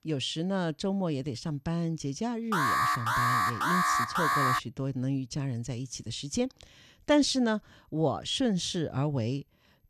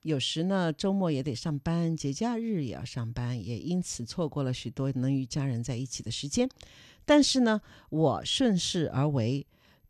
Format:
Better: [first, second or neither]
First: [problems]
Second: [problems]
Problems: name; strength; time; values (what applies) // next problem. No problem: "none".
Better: second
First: alarm; loud; from 2.5 to 4.5 s; peak 6 dB above the speech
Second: none